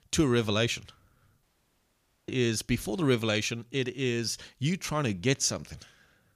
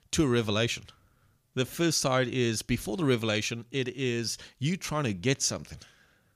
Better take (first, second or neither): second